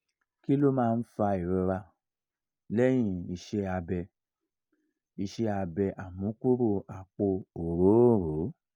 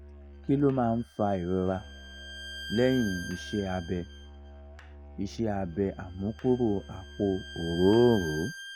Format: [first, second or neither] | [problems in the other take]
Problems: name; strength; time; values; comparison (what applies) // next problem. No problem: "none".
first | background sound (Musical instrument + Bowed string instrument); 14 dB below the speech